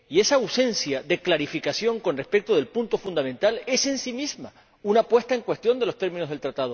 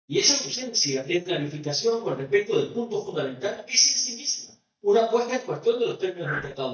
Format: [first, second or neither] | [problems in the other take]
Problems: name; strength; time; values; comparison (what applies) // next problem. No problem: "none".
first | noise reduction (neural mask model DeepFilterNet 3)